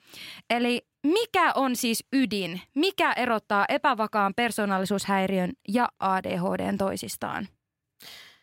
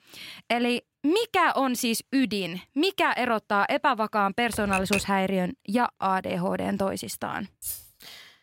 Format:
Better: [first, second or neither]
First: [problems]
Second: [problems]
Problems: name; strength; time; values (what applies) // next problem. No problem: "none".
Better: first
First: none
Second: keyboard typing; noticeable; at 4.5 s; peak 2 dB below the speech // jangling keys; noticeable; at 7.5 s; peak 9 dB below the speech